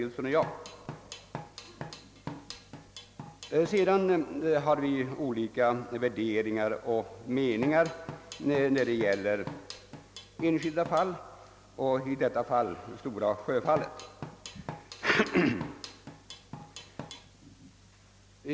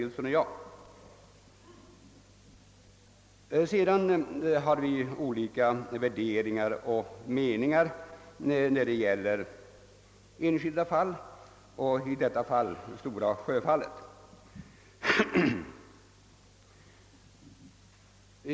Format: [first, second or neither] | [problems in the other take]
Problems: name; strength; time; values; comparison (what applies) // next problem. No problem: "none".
second | background sound (Drum kit); 14 dB below the speech